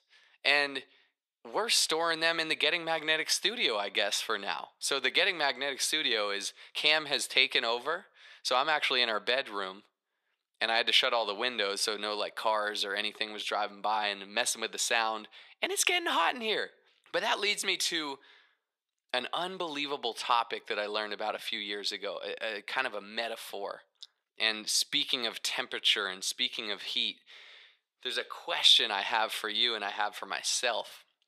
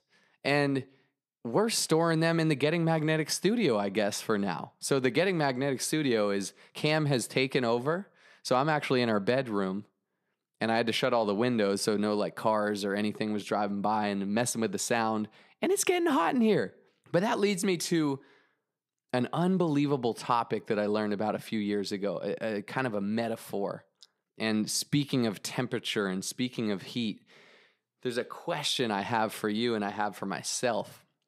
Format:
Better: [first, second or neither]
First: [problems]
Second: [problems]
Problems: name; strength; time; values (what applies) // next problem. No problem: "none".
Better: second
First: thin; very; fading below 600 Hz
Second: none